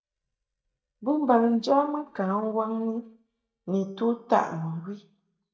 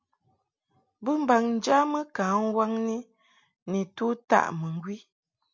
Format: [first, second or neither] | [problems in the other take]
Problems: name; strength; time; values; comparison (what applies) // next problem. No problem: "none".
second | noise reduction (neural mask model DeepFilterNet 3)